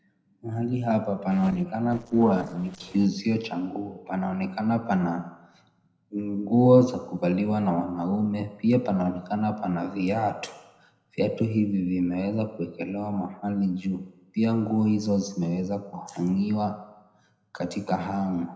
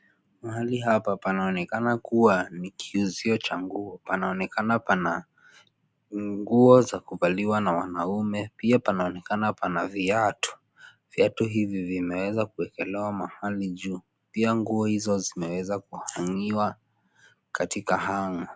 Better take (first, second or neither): second